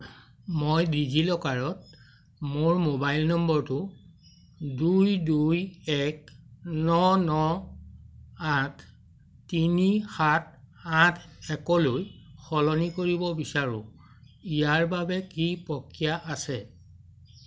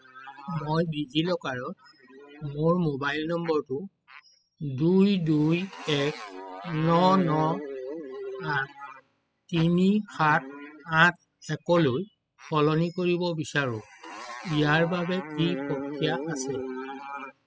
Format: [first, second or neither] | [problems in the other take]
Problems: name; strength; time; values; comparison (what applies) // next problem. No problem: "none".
first | noise reduction (classical method spectral subtraction)